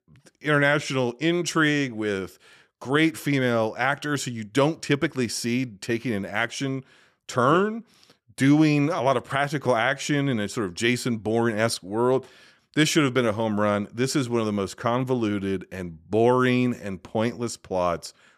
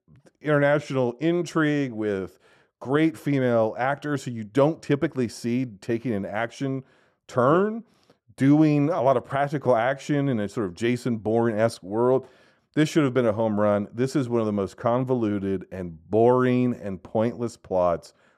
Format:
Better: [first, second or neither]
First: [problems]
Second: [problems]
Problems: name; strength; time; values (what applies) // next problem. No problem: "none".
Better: first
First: none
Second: muffled; slightly; fading above 1.5 kHz